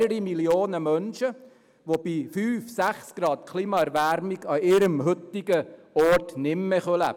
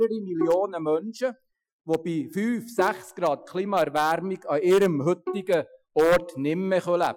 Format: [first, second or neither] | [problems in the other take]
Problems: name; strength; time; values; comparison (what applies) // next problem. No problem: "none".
first | noise reduction (classical method Wiener filter)